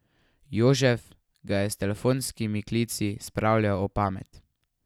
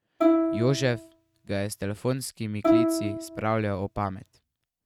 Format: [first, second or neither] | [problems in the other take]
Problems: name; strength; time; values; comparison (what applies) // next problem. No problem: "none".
first | noise reduction (neural mask model RNNoise)